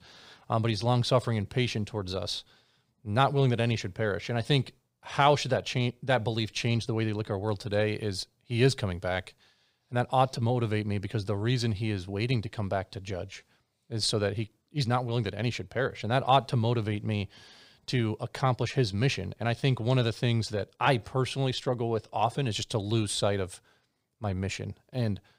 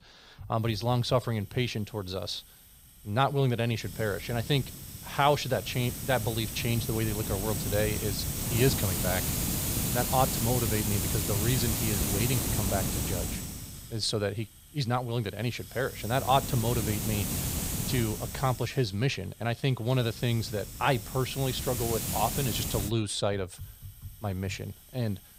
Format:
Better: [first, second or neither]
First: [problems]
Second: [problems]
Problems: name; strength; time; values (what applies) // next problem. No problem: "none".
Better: first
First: none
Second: hiss; loud; throughout; 1 dB below the speech